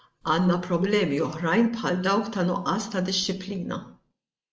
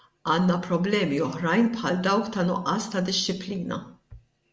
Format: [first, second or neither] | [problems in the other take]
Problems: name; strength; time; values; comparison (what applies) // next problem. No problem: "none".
second | noise reduction (neural mask model Resemble Enhance denoiser)